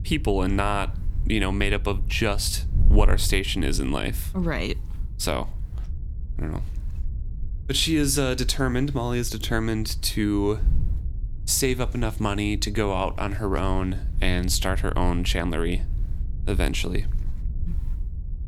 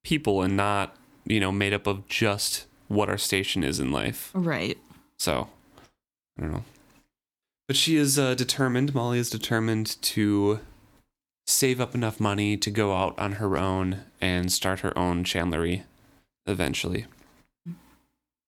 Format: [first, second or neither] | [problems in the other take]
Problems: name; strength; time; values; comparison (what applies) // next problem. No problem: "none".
second | wind noise on the microphone; occasional gusts; 20 dB below the speech